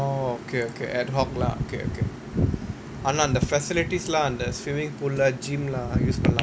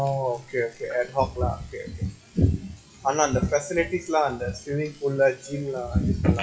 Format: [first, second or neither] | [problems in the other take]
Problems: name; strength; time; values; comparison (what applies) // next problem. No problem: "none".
first | noise reduction (classical method WPE with log-MMSE)